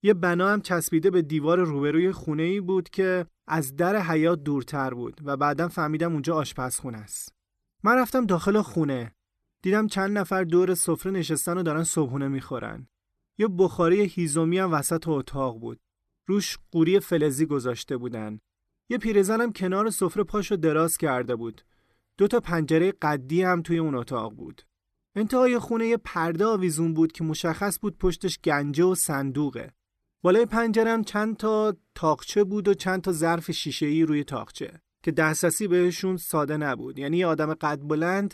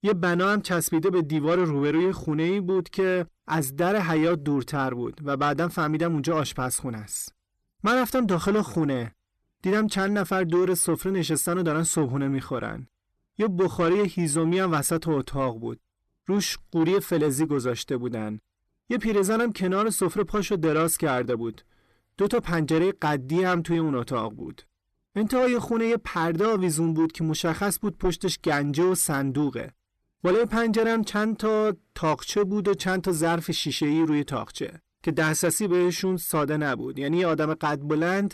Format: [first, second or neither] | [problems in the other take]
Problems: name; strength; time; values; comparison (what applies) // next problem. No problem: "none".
first | distortion; slight; 10 dB below the speech